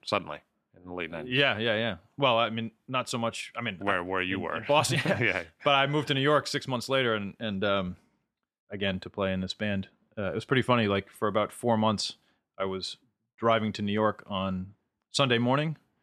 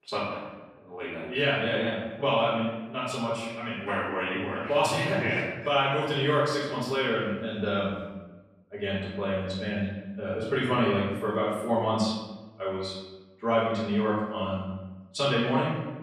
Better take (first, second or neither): first